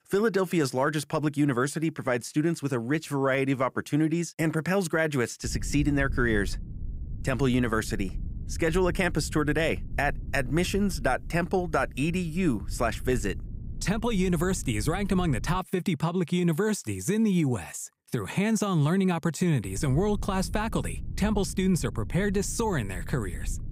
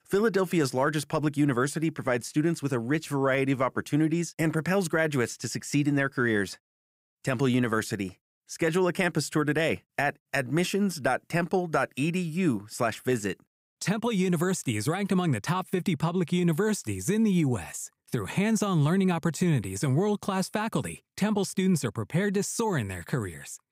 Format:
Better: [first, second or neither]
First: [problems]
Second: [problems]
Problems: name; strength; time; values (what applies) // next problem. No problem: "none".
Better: second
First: low rumble; faint; from 5.5 to 16 s and from 20 s on; 25 dB below the speech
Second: none